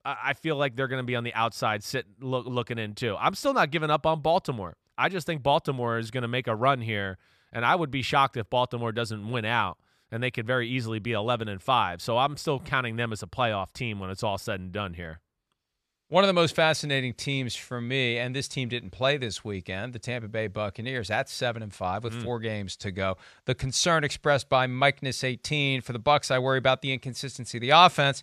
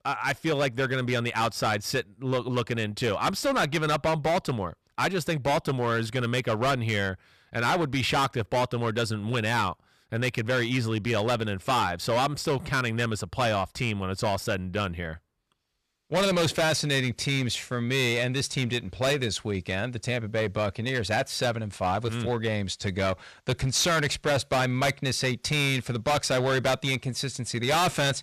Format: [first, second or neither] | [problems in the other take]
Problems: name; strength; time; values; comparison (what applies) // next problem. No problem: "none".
first | distortion; heavy; 12% of the sound clipped